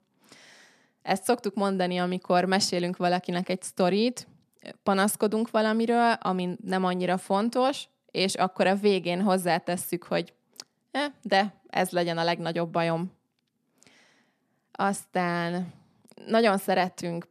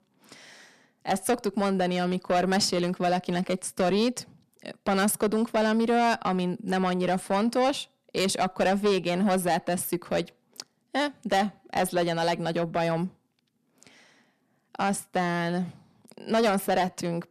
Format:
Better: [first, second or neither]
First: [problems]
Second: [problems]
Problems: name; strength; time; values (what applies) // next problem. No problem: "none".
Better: first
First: none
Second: distortion; slight; 10 dB below the speech